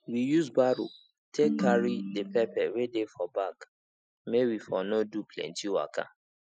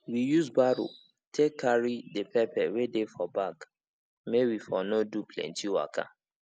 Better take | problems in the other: second | noise reduction (classical method Wiener filter)

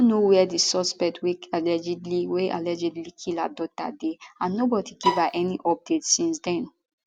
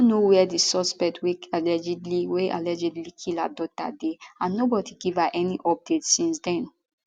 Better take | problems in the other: second | background sound (Bowed string instrument); 2 dB below the speech

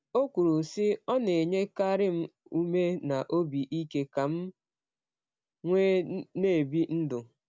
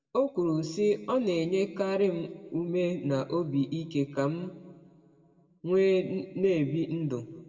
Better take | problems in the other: first | room echo; dies away in 1.6 s

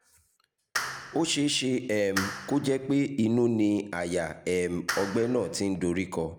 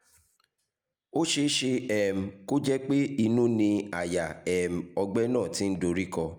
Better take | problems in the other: second | background sound (Clapping); 10 dB below the speech

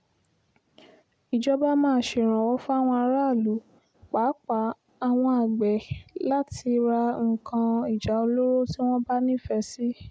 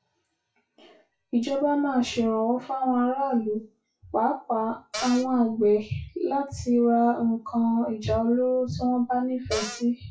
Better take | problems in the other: first | noise reduction (classical method WPE with log-MMSE)

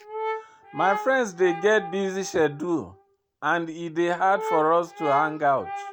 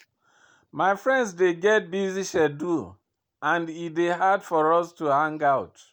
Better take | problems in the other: second | background sound (Brass instrument); 10 dB below the speech

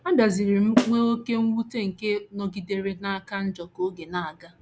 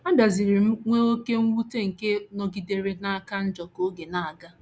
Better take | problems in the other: second | background sound (Snare drum); 3 dB below the speech

